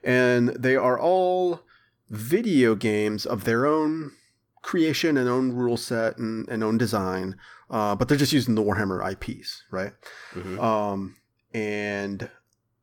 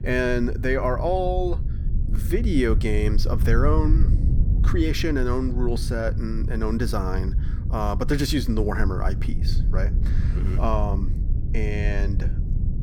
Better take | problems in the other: first | low rumble; noticeable; throughout; 15 dB below the speech

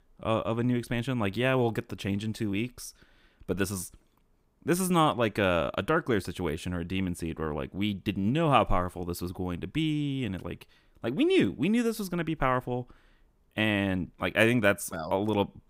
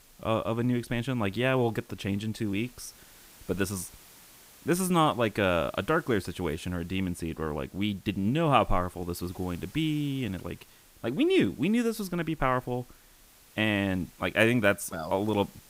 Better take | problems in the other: first | hiss; faint; throughout; 25 dB below the speech

